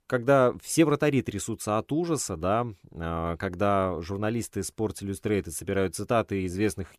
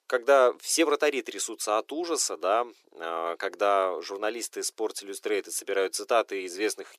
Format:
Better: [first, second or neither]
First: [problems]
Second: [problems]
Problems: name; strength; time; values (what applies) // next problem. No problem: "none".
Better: first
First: none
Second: thin; very; fading below 350 Hz